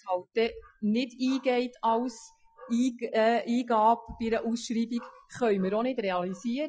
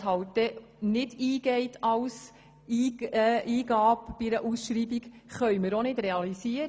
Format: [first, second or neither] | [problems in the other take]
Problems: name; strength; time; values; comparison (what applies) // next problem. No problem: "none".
second | noise reduction (classical method Wiener filter)